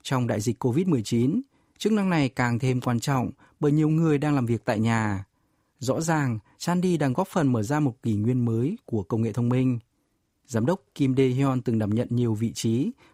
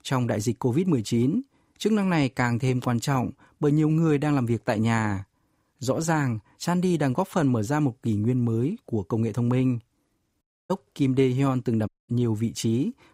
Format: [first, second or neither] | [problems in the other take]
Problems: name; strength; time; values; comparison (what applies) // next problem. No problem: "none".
first | audio cutting out; at 10 s and at 12 s